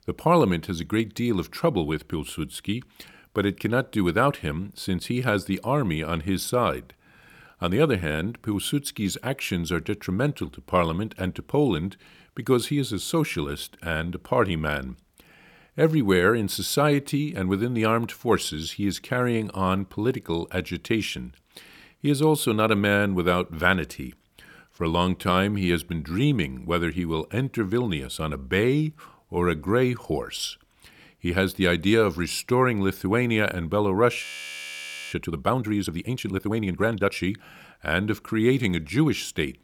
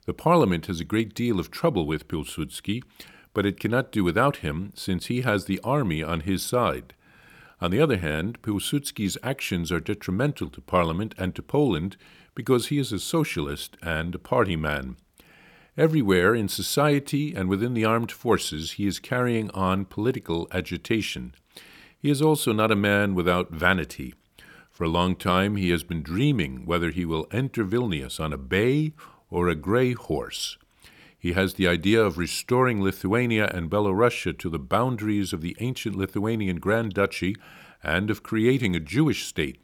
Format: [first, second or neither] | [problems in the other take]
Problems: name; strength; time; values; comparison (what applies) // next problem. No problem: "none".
second | audio freezing; at 34 s for 1 s